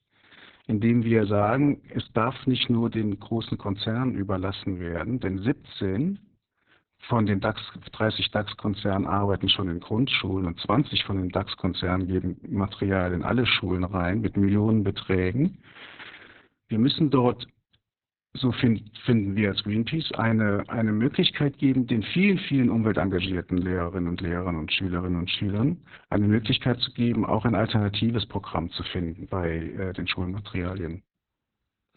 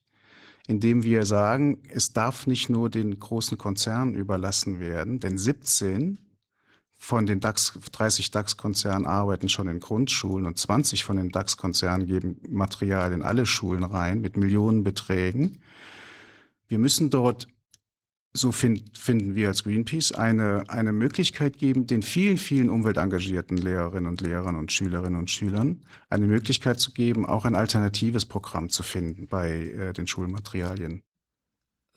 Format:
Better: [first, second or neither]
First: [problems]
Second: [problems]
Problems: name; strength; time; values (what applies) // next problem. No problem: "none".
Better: second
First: garbled, watery; badly; nothing above 4 kHz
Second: garbled, watery; slightly